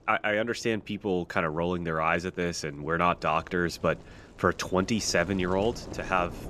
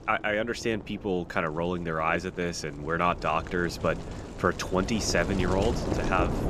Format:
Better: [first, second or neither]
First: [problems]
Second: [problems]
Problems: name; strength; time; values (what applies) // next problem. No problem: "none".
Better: first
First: wind noise on the microphone; occasional gusts; 20 dB below the speech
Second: wind noise on the microphone; heavy; 10 dB below the speech